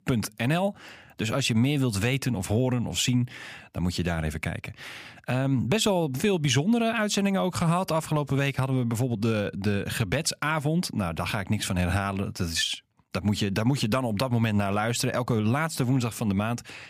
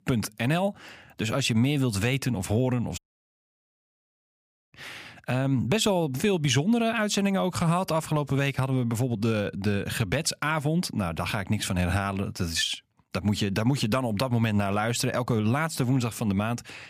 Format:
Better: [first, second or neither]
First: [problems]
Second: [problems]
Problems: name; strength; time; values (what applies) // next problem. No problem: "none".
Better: first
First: none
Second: audio cutting out; at 3 s for 1.5 s